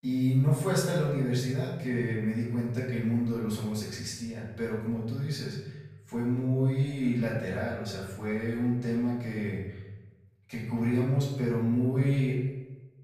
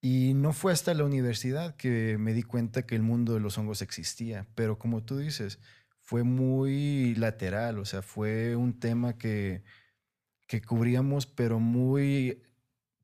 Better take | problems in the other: second | room echo; noticeable; dies away in 0.9 s // off-mic speech; far

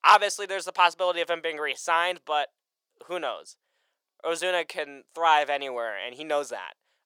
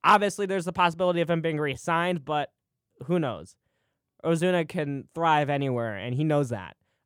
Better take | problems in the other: second | thin; very; fading below 550 Hz

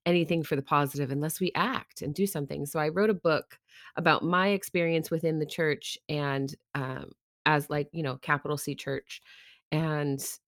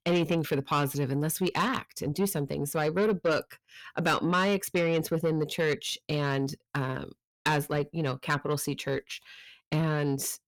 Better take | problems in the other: first | distortion; slight; 10 dB below the speech

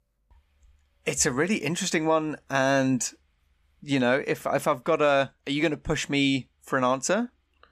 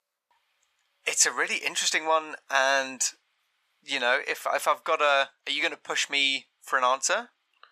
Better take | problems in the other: first | thin; very; fading below 900 Hz

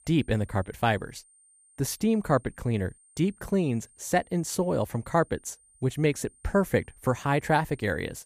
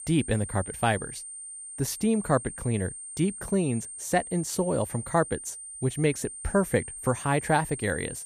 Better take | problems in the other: first | high-pitched whine; loud; throughout; 8.5 kHz, 10 dB below the speech; faint in the first

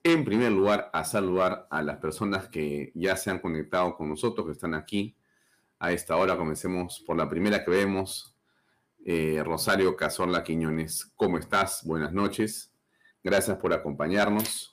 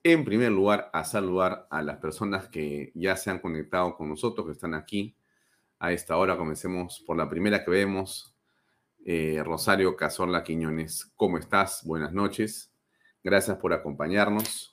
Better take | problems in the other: second | distortion; slight; 10 dB below the speech

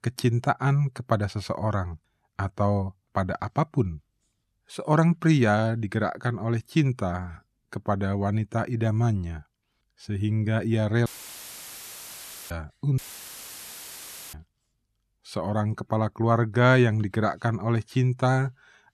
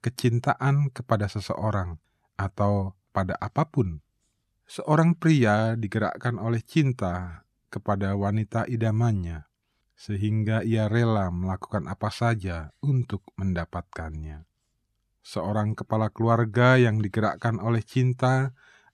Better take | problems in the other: second | audio cutting out; filled with static; at 11 s for 1.5 s and at 13 s for 1.5 s

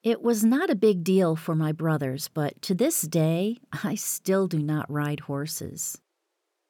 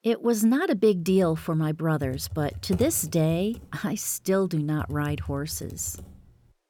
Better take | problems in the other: first | keyboard typing; noticeable; from 1 to 6 s; peak 9 dB below the speech

